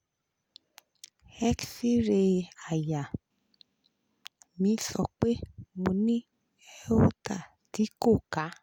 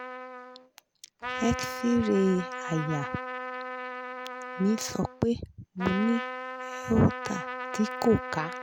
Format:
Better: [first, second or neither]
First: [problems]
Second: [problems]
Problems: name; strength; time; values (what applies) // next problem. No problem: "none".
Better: first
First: none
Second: background sound (Trumpet); 7 dB below the speech